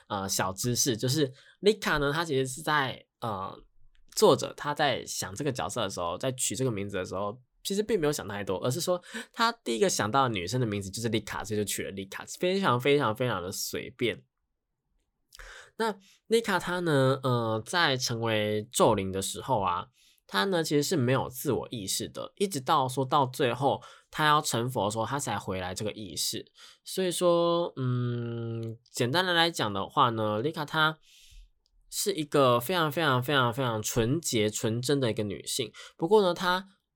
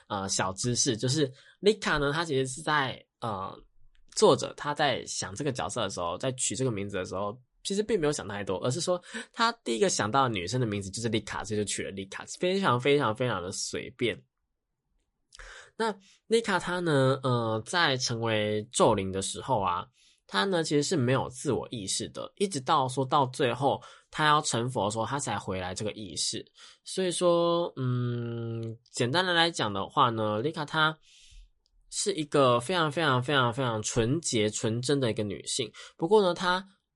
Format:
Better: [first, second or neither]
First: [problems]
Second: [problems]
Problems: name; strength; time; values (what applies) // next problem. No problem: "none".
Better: first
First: none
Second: garbled, watery; slightly; nothing above 10.5 kHz